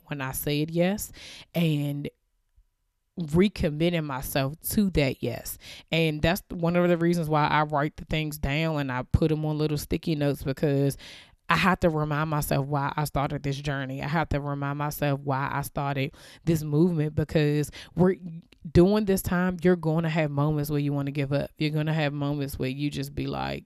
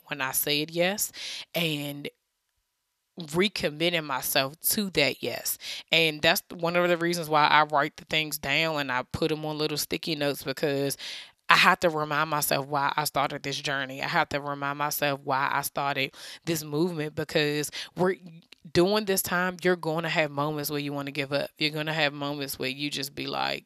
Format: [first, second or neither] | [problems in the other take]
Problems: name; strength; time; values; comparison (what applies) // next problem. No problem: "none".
first | thin; somewhat; fading below 850 Hz